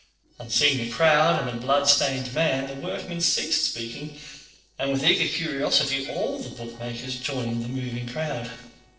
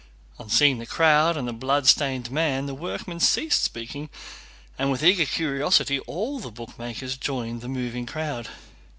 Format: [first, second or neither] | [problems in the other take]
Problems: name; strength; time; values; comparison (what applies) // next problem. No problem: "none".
second | noise reduction (neural separator model SepFormer DNS4)